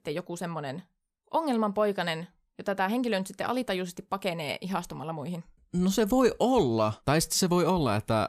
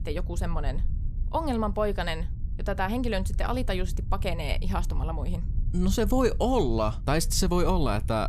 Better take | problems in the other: first | low rumble; faint; throughout; 20 dB below the speech

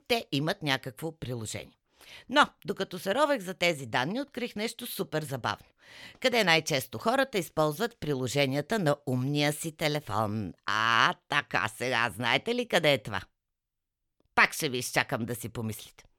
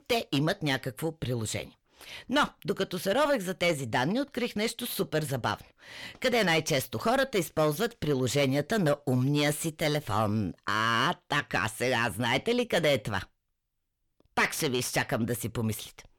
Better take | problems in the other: first | distortion; heavy; 7 dB below the speech

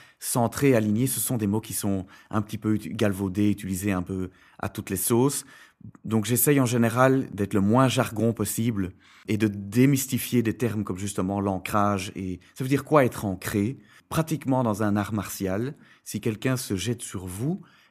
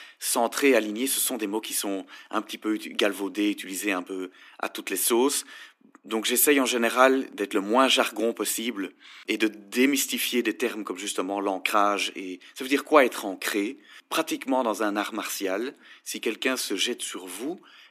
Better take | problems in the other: first | thin; somewhat; fading below 250 Hz

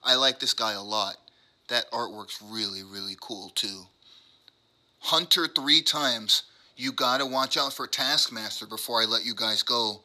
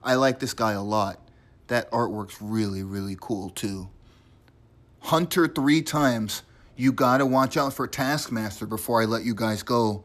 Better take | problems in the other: second | thin; somewhat; fading below 750 Hz

